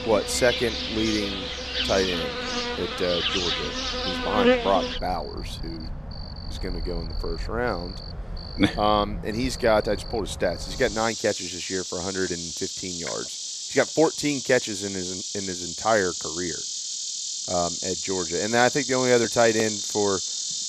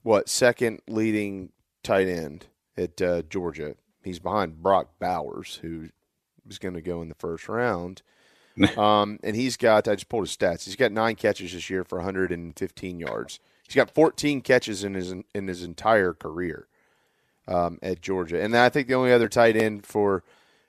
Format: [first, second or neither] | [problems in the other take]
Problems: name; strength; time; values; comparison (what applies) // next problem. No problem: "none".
second | animal sounds; loud; throughout; 3 dB below the speech